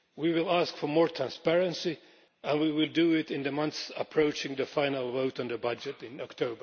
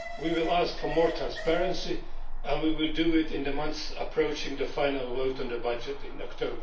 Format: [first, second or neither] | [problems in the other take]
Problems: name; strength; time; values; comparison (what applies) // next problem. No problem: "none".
first | background sound (Alarm); 2 dB below the speech // room echo; dies away in 0.4 s